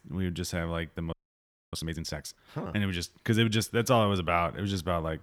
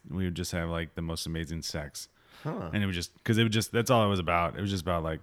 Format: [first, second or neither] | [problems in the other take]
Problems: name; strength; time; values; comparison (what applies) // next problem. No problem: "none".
second | audio freezing; at 1 s for 0.5 s